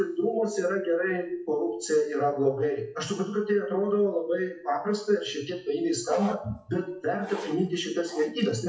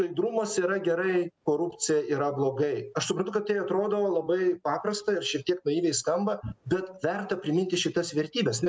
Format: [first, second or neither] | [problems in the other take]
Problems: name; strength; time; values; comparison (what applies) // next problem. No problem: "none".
second | noise reduction (classical method WPE with log-MMSE)